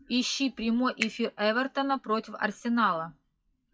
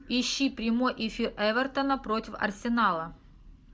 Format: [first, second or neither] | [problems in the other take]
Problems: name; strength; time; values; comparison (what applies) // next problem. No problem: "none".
second | noise reduction (classical method WPE with log-MMSE)